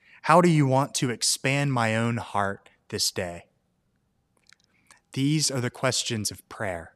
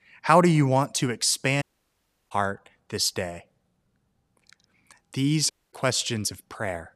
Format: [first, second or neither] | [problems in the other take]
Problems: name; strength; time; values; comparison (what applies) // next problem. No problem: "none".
first | audio cutting out; at 1.5 s for 0.5 s and at 5.5 s